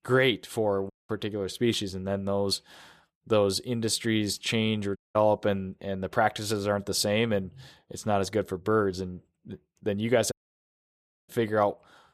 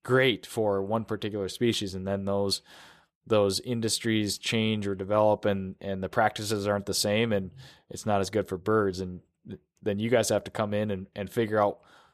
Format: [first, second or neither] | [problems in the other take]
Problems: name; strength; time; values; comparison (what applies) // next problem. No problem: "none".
second | audio cutting out; at 1 s, at 5 s and at 10 s for 1 s